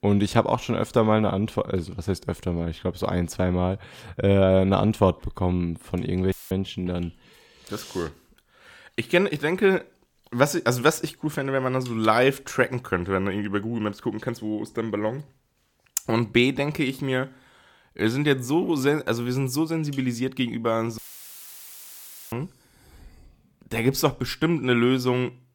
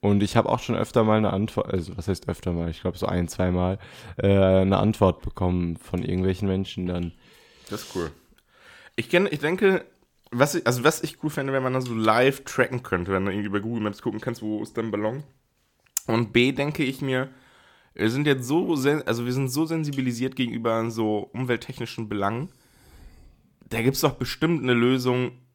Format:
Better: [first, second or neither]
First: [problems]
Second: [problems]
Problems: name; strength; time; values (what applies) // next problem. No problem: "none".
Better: second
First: audio cutting out; filled with static; at 6.5 s and at 21 s for 1.5 s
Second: none